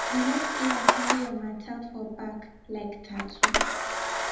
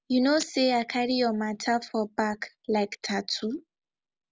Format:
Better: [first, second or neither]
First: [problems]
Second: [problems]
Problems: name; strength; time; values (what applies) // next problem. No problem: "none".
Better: second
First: background sound (Camera); 4 dB above the speech // room echo; dies away in 0.8 s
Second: none